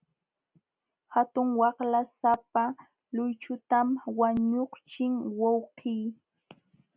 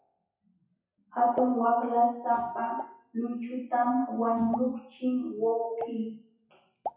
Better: first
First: none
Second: noise reduction (classical method WPE with log-MMSE)

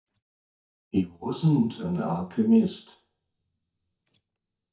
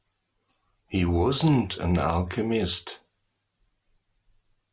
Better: second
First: noise reduction (neural mask model DeepFilterNet 3)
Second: none

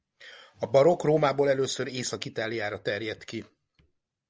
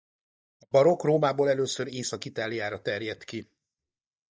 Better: first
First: none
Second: noise reduction (neural mask model DeepFilterNet 3)

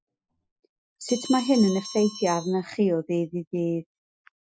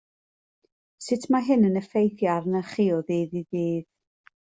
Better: second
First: noise reduction (classical method Wiener filter)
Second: none

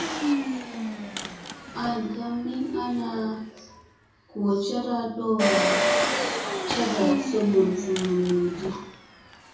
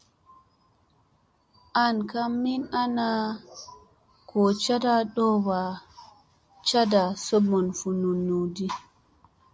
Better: second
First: background sound (Engine); 1 dB below the speech // room echo; dies away in 0.6 s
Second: none

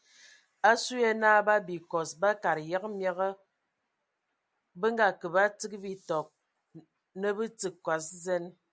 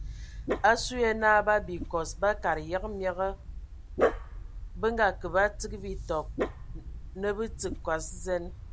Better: first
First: none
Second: background sound (Dog); 6 dB below the speech

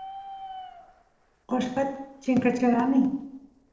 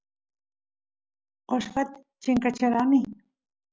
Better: second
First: noise reduction (neural separator model SepFormer DNS4)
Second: none

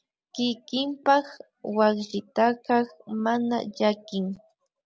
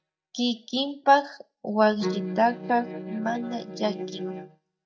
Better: first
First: none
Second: noise reduction (neural mask model DeepFilterNet 3)

